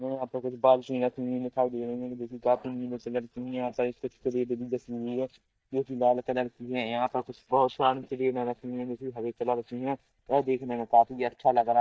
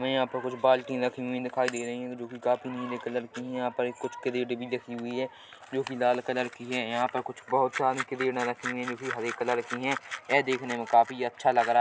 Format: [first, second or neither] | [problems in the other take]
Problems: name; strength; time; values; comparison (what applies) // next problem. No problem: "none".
second | noise reduction (neural mask model DeepFilterNet 3)